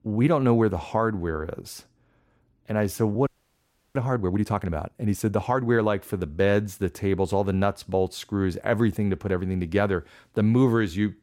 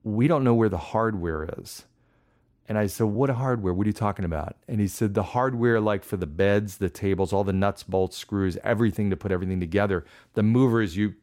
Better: second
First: audio freezing; at 3.5 s for 0.5 s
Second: none

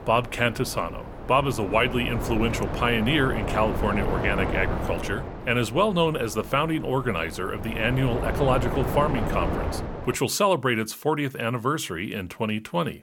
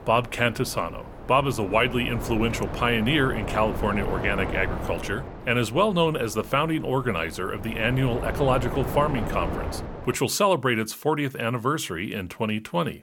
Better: second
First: wind noise on the microphone; heavy; until 10 s; 8 dB below the speech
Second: wind noise on the microphone; occasional gusts; until 10 s; 10 dB below the speech

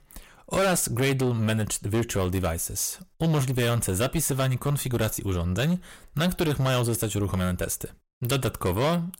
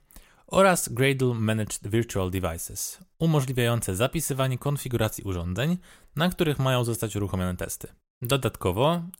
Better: second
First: distortion; heavy; 7 dB below the speech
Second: none

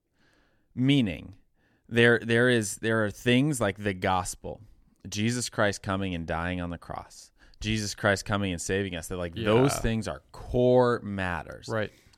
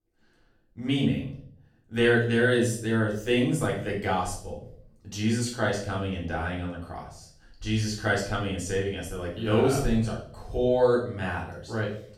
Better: first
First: none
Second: room echo; noticeable; dies away in 0.5 s // off-mic speech; far

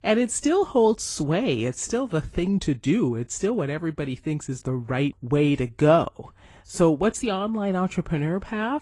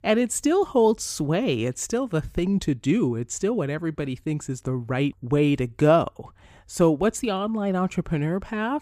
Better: second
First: garbled, watery; slightly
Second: none

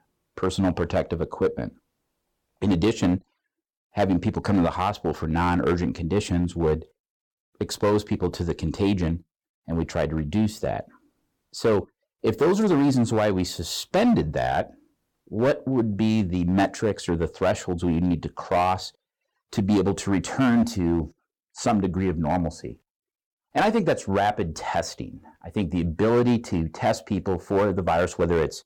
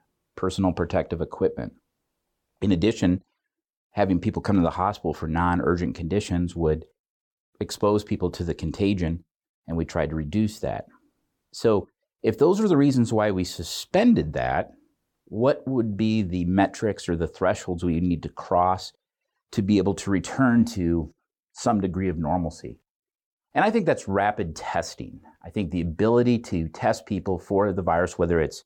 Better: second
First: distortion; slight; 6% of the sound clipped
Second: none

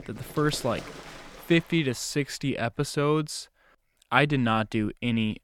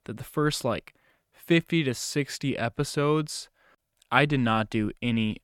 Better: second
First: animal sounds; noticeable; throughout; 15 dB below the speech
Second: none

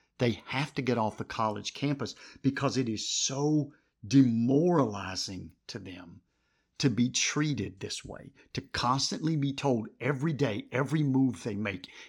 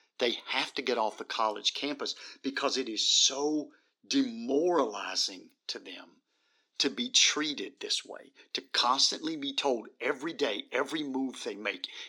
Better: first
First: none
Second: thin; somewhat; fading below 300 Hz

